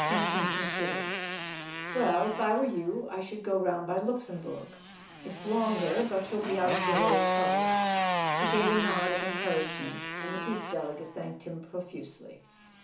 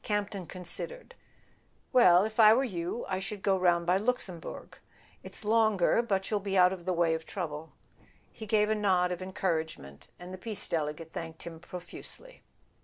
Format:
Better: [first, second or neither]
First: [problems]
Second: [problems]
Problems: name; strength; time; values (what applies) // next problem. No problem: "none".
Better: second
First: background sound (Motorcycle); as loud as the speech // room echo; dies away in 0.9 s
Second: none